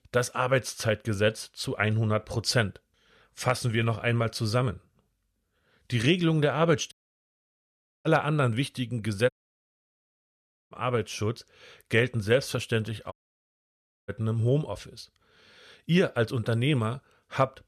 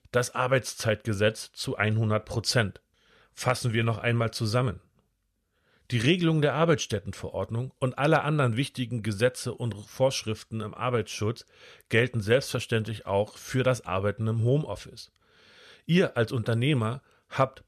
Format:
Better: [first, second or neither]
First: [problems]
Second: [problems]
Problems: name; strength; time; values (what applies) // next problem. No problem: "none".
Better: second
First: audio cutting out; at 7 s for 1 s, at 9.5 s for 1.5 s and at 13 s for 1 s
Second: none